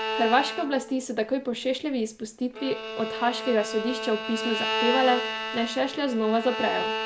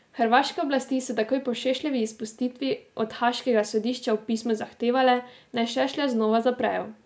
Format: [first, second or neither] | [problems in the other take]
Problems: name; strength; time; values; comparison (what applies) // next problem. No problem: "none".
second | background sound (Bowed string instrument); 5 dB below the speech